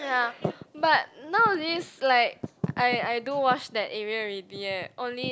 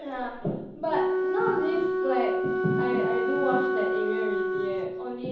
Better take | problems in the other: first | background sound (Wind instrument, woodwind instrument); 3 dB above the speech // room echo; dies away in 0.9 s

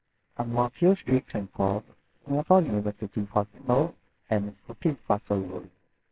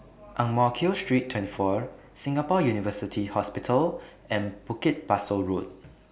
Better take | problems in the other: second | noise reduction (neural separator model SepFormer WHAMR!)

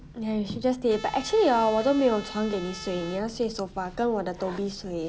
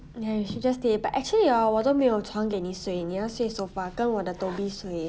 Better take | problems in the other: second | background sound (Trumpet); 16 dB below the speech

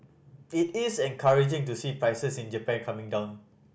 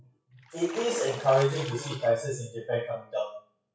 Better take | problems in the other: first | noise reduction (classical method WPE with log-MMSE)

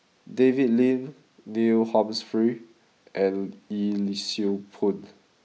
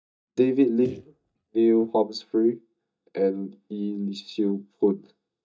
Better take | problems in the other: first | noise reduction (neural mask model DeepFilterNet 3)

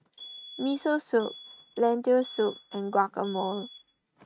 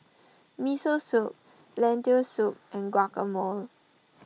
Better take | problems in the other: second | noise reduction (neural mask model RNNoise)

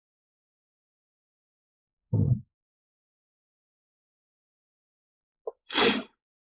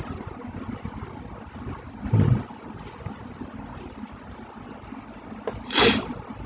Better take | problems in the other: second | noise reduction (neural mask model Resemble Enhance denoiser)

